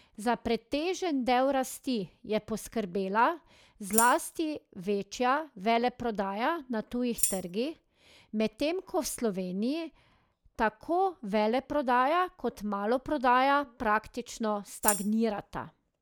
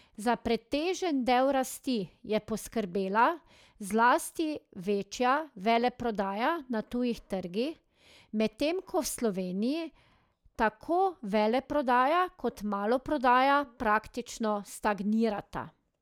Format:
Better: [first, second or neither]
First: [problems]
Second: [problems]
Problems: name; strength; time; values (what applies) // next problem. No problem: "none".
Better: second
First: background sound (Tambourine); 4 dB below the speech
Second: none